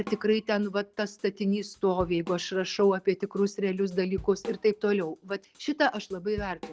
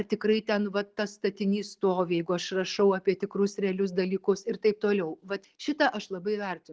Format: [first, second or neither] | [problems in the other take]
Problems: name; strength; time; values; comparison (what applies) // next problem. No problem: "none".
second | background sound (Drum / Drum kit); 19 dB below the speech